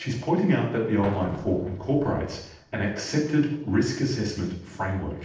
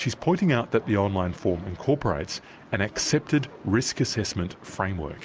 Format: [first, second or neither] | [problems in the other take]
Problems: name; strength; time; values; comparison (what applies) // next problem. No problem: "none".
second | noise reduction (neural separator model SepFormer DNS4)